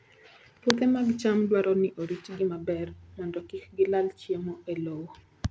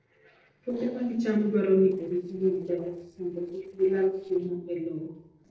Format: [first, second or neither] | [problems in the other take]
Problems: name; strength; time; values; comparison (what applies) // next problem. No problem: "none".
first | noise reduction (neural separator model SepFormer DNS4)